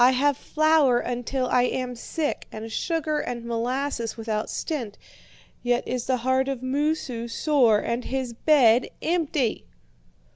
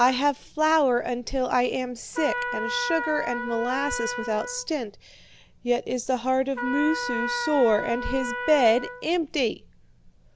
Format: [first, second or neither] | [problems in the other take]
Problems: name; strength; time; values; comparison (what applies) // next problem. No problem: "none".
first | background sound (Trumpet); 8 dB below the speech